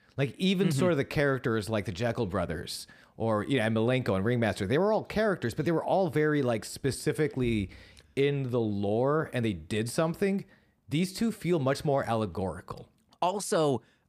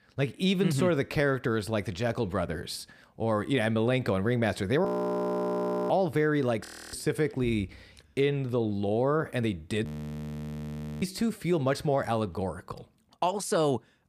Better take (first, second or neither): first